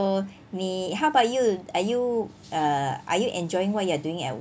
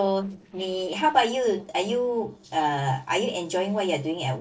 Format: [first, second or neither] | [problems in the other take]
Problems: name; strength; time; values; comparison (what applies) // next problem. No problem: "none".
first | noise reduction (neural separator model SepFormer DNS4)